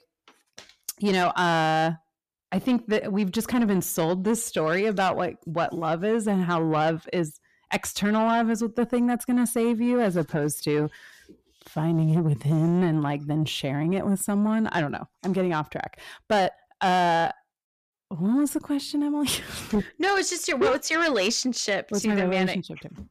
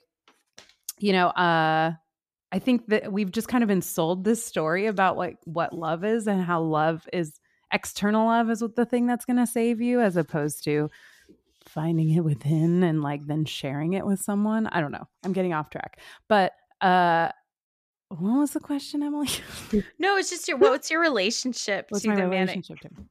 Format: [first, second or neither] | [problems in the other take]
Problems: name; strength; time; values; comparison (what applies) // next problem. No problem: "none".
second | distortion; slight; 10 dB below the speech